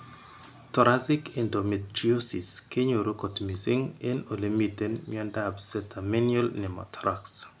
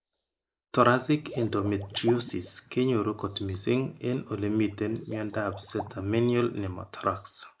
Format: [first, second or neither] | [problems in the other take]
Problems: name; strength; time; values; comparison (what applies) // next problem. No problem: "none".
first | noise reduction (neural mask model Resemble Enhance denoiser)